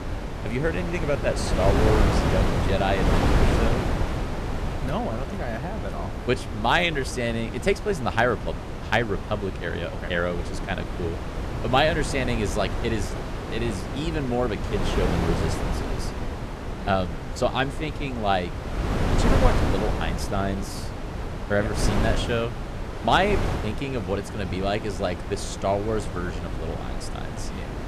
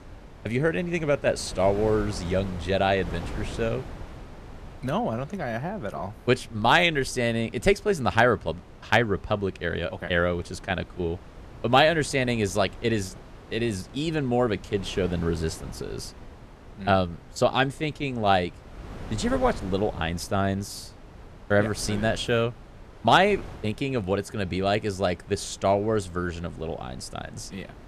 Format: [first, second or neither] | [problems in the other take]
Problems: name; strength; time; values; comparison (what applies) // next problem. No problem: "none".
second | wind noise on the microphone; heavy; 5 dB below the speech; occasional gusts in the second